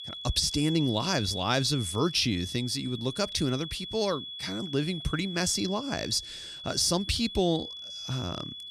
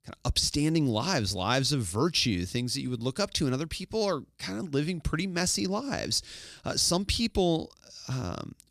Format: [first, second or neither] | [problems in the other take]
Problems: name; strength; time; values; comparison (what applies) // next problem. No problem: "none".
second | high-pitched whine; loud; throughout; 3.5 kHz, 9 dB below the speech